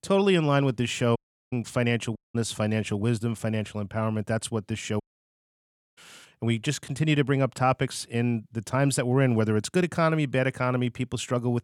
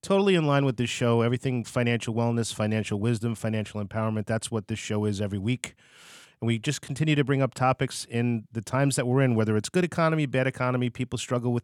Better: second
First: audio cutting out; at 1 s, at 2 s and at 5 s for 1 s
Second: none

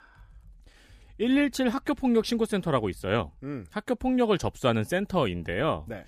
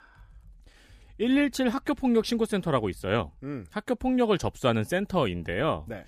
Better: neither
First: none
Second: none

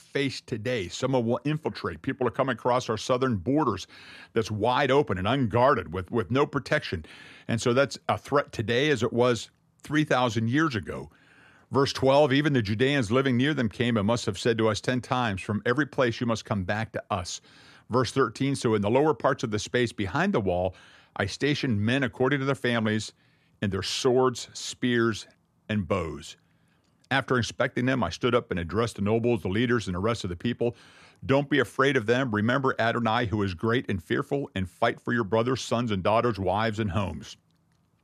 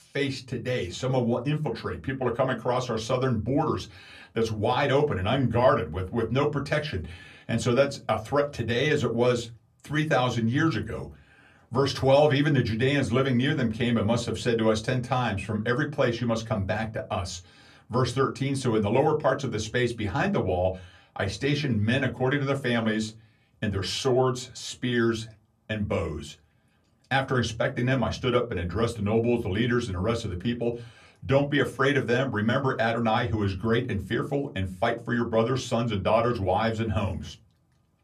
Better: first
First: none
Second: off-mic speech; somewhat distant // room echo; very slight; dies away in 0.2 s

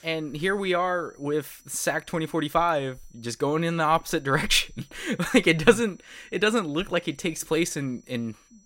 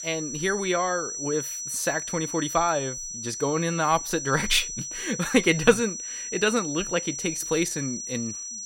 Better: first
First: high-pitched whine; faint; throughout; 6 kHz, 35 dB below the speech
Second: high-pitched whine; loud; throughout; 6 kHz, 6 dB below the speech

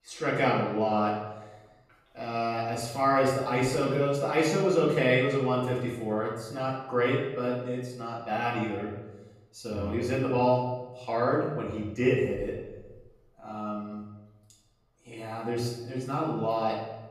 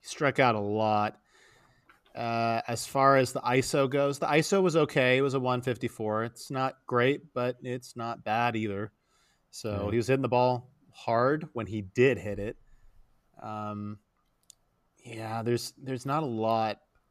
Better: second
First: off-mic speech; far // room echo; noticeable; dies away in 0.9 s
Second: none

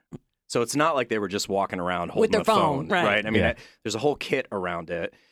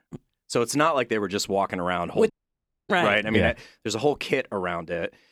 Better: first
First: none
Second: audio cutting out; at 2.5 s for 0.5 s

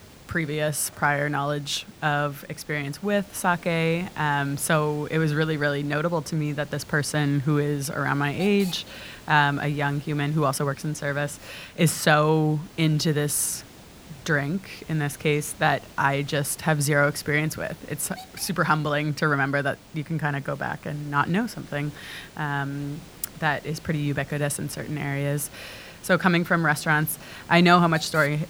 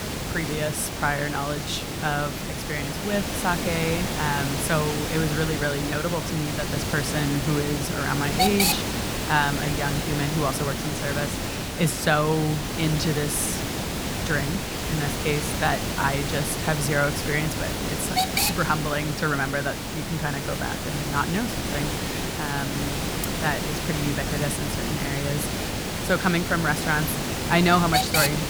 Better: first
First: hiss; faint; throughout; 20 dB below the speech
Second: hiss; loud; throughout; 1 dB below the speech

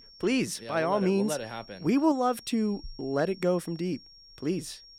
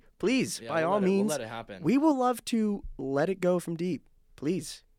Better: second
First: high-pitched whine; faint; throughout; 5.5 kHz, 20 dB below the speech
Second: none

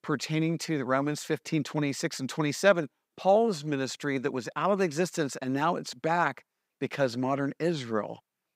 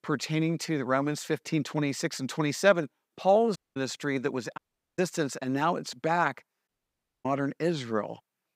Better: first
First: none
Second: audio cutting out; at 3.5 s, at 4.5 s and at 6.5 s for 0.5 s

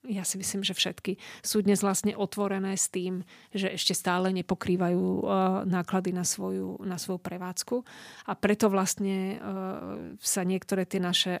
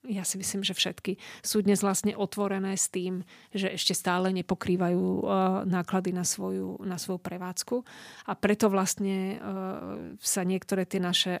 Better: neither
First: none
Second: none

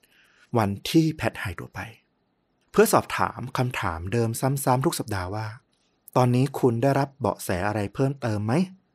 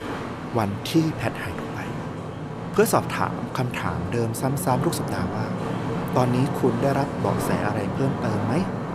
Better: first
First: none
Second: traffic noise; loud; throughout; 4 dB below the speech

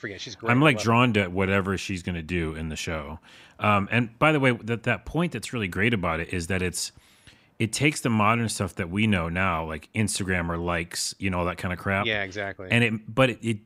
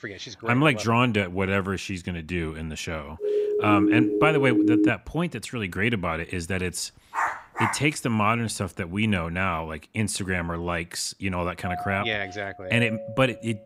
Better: first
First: none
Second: siren; loud; from 3 to 5 s; peak 5 dB above the speech // dog barking; noticeable; at 7 s; peak 2 dB below the speech // doorbell; noticeable; from 12 s on; peak 8 dB below the speech

